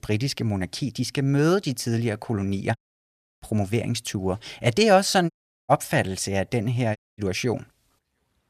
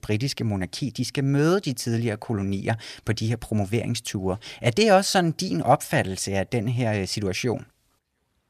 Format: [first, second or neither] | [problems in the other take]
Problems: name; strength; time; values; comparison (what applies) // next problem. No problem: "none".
second | audio cutting out; at 3 s for 0.5 s, at 5.5 s and at 7 s